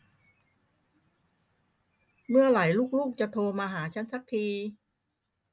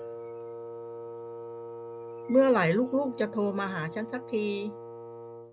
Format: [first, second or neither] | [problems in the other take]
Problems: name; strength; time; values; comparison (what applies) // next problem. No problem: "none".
first | background sound (Wind instrument, woodwind instrument); 11 dB below the speech